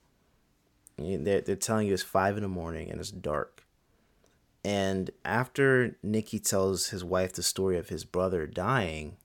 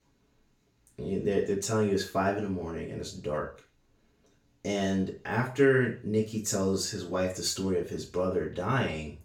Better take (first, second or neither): first